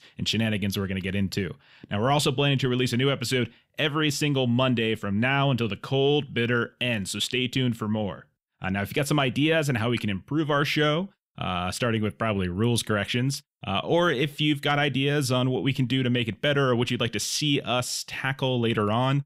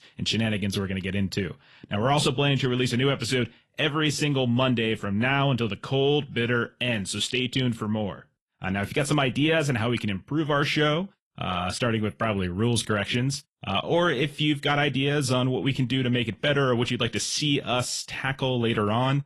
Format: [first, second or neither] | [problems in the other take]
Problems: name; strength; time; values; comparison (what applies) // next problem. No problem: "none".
first | garbled, watery; slightly; nothing above 11.5 kHz